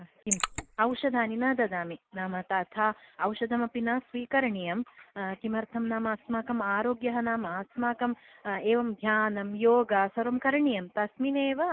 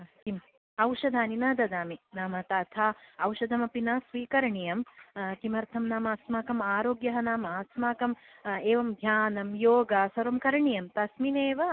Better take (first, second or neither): second